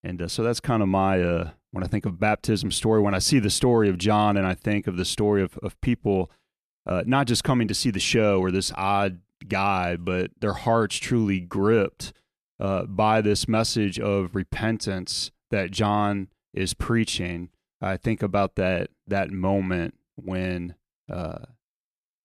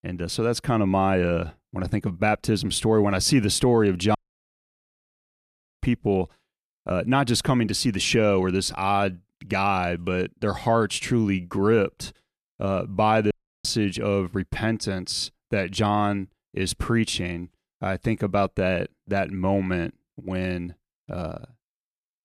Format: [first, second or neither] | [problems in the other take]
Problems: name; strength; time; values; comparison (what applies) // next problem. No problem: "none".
first | audio cutting out; at 4 s for 1.5 s and at 13 s